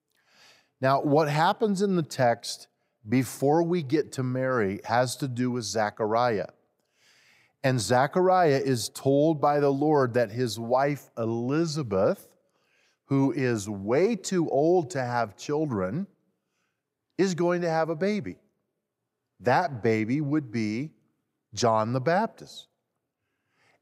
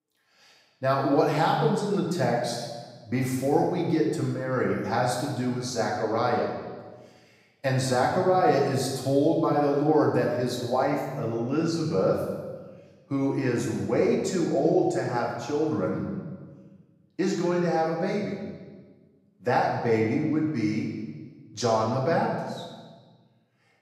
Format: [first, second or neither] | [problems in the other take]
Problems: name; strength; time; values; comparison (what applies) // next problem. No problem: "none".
first | room echo; noticeable; dies away in 1.2 s // off-mic speech; far